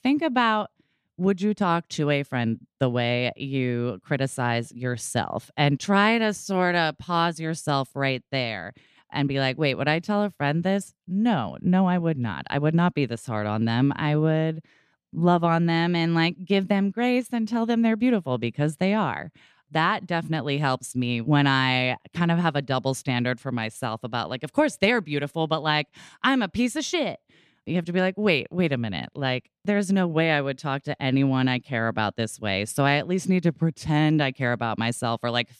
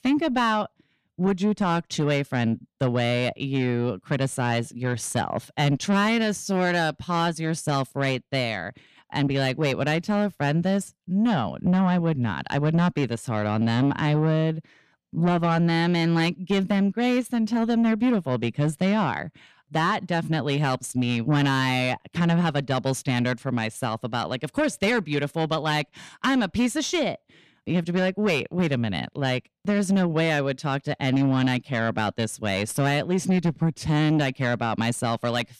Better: first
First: none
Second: distortion; slight; 10 dB below the speech

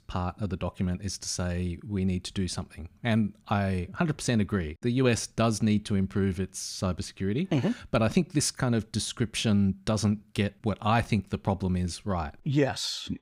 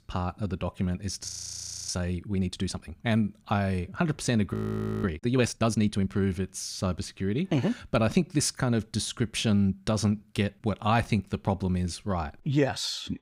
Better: first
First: none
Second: audio freezing; at 1.5 s for 0.5 s and at 4.5 s for 0.5 s

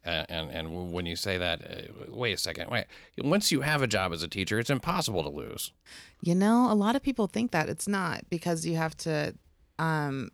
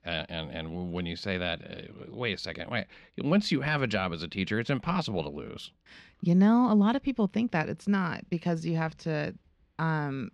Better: first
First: none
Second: muffled; very slightly; fading above 3 kHz

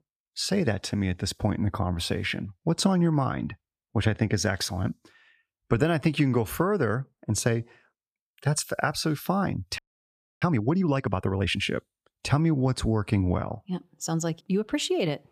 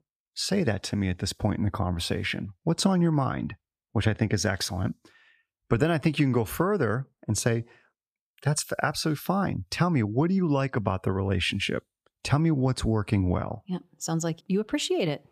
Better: second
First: audio freezing; at 10 s for 0.5 s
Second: none

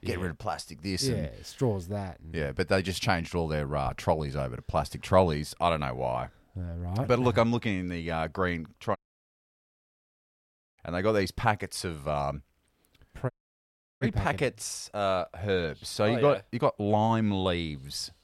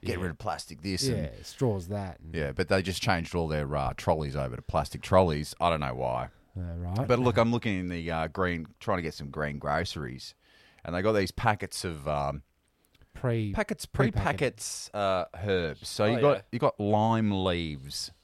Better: second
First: audio cutting out; at 9 s for 2 s and at 13 s for 0.5 s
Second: none

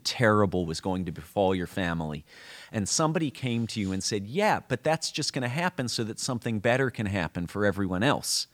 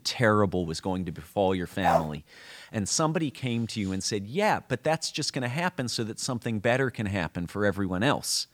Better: first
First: none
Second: dog barking; loud; at 2 s; peak 2 dB above the speech

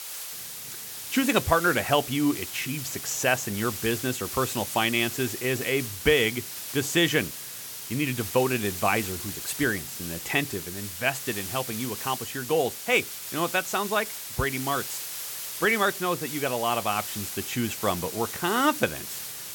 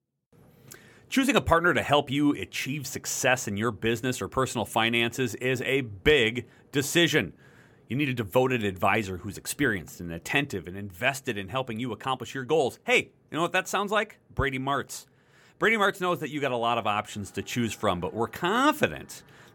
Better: second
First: hiss; loud; throughout; 7 dB below the speech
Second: none

